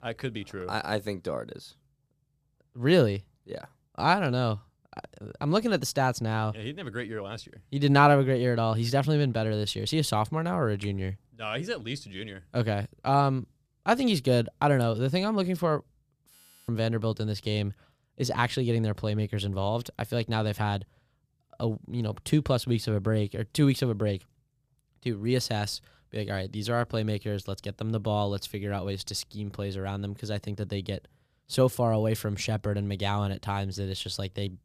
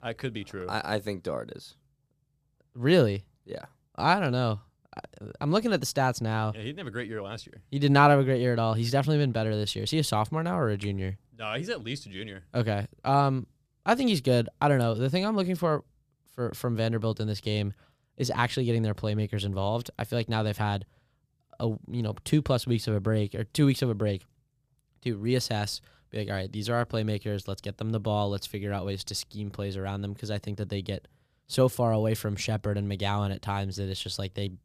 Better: second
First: audio freezing; at 16 s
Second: none

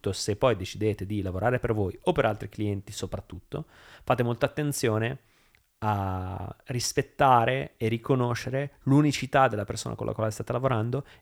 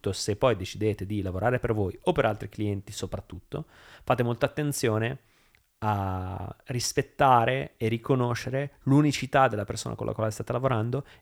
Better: neither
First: none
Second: none

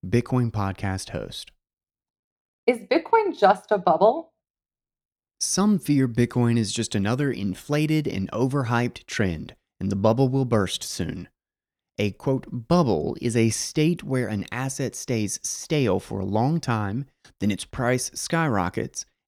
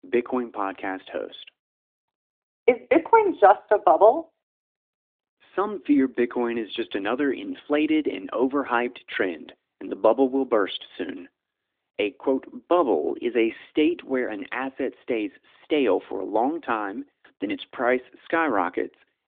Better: first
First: none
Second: phone-call audio

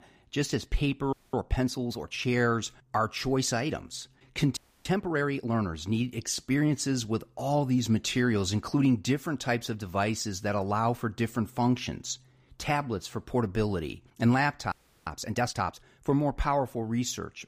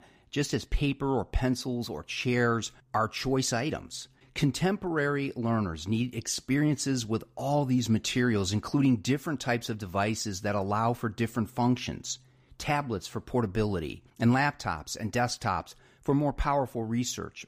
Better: second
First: audio freezing; at 1 s, at 4.5 s and at 15 s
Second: none

